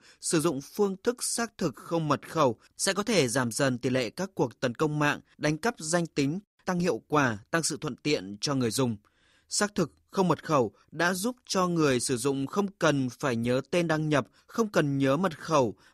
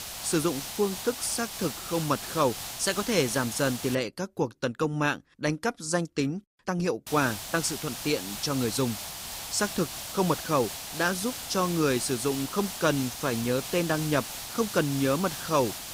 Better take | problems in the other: first | hiss; loud; until 4 s and from 7 s on; 7 dB below the speech

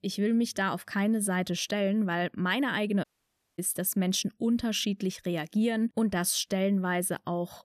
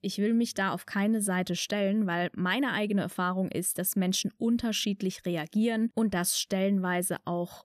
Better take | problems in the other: second | audio cutting out; at 3 s for 0.5 s

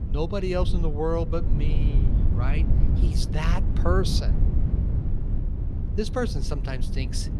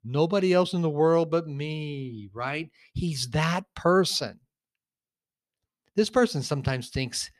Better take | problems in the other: second | low rumble; loud; throughout; 8 dB below the speech

